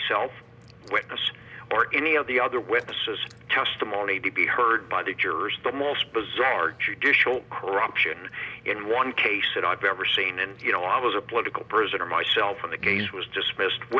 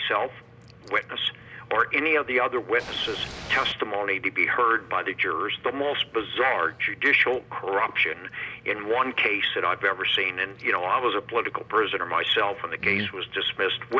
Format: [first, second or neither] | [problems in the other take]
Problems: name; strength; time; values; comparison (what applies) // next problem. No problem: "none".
first | background sound (Ocean / Boat, Water vehicle); 12 dB below the speech